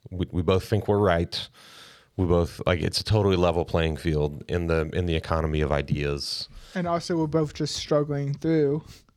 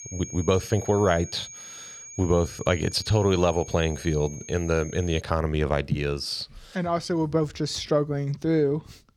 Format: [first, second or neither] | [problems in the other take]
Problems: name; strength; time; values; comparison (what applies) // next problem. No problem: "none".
first | high-pitched whine; noticeable; until 5 s; 6.5 kHz, 15 dB below the speech